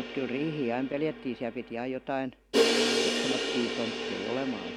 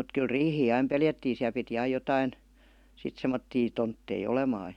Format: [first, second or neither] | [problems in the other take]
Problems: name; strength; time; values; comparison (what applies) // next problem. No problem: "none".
second | background sound (Crash cymbal); 2 dB above the speech